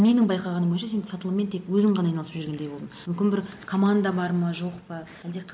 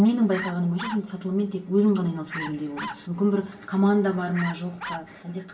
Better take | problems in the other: first | background sound (Bark); 13 dB below the speech // room echo; dies away in 0.2 s

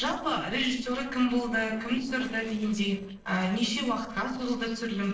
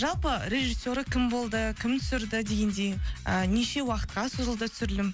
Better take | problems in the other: second | noise reduction (neural separator model SepFormer DNS4)

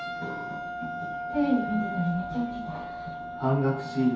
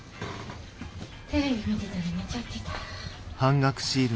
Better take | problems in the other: second | background sound (Wind instrument, woodwind instrument); 6 dB below the speech // room echo; dies away in 0.6 s

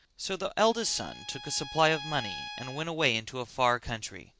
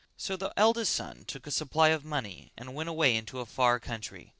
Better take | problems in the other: second | background sound (Bowed string instrument); 12 dB below the speech

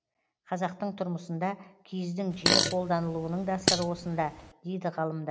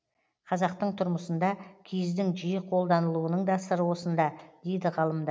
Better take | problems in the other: second | background sound (Fart); 2 dB above the speech

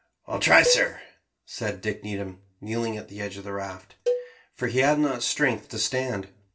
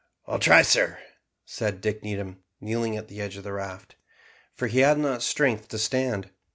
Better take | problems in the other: second | background sound (Cowbell); 6 dB below the speech // room echo; dies away in 0.2 s

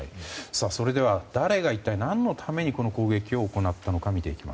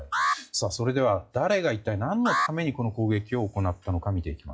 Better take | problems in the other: first | noise reduction (classical method log-MMSE)

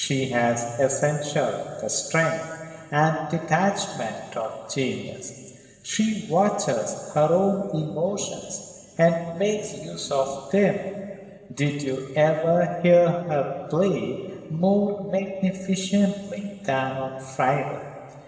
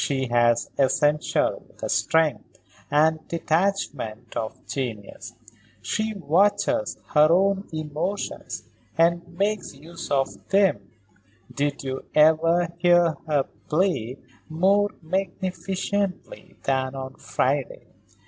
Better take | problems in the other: second | room echo; dies away in 2.1 s

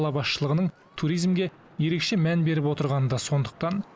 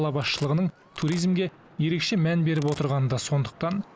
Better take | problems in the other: first | background sound (Domestic sounds, home sounds); 20 dB below the speech

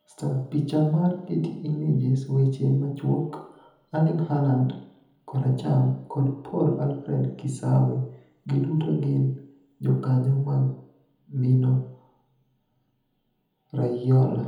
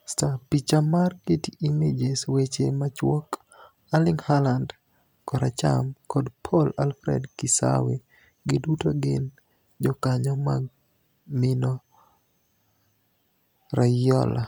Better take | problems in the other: second | room echo; dies away in 1 s

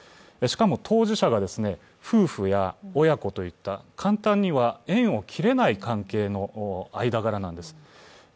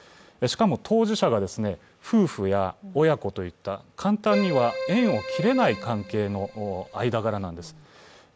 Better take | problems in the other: first | background sound (Keyboard (musical)); 8 dB below the speech

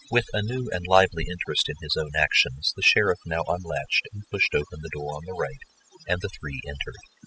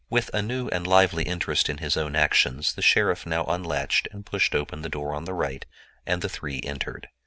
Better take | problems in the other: second | noise reduction (classical method spectral subtraction)

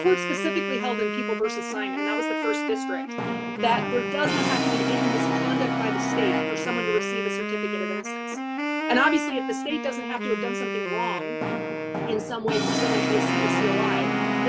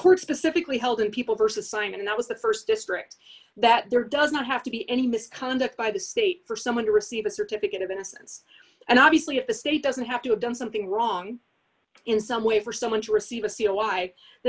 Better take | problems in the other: second | background sound (Wind instrument, woodwind instrument + Brass instrument); 2 dB above the speech

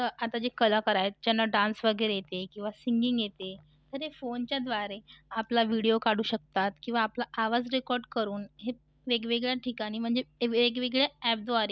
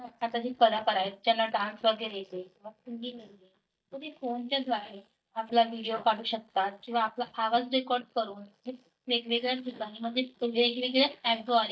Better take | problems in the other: first | noise reduction (neural mask model DeepFilterNet 3)

